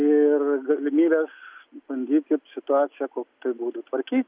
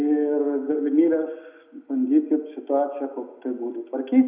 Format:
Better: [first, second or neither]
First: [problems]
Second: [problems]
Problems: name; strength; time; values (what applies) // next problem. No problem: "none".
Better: first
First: none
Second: room echo; dies away in 0.7 s